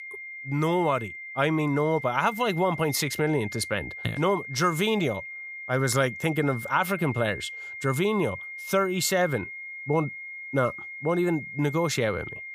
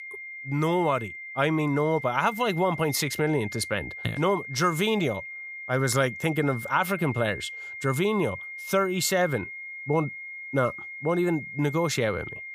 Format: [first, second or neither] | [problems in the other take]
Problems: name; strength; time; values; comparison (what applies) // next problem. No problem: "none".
neither | high-pitched whine; loud; throughout; 2 kHz, 10 dB below the speech; the same in both